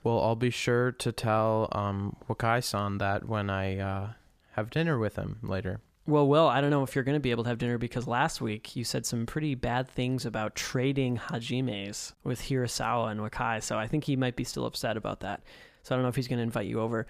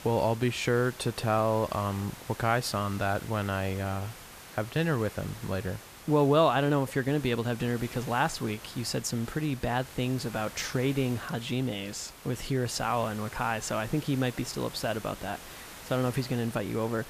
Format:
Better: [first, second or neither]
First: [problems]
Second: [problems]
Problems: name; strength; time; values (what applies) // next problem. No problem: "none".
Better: first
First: none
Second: hiss; noticeable; throughout; 15 dB below the speech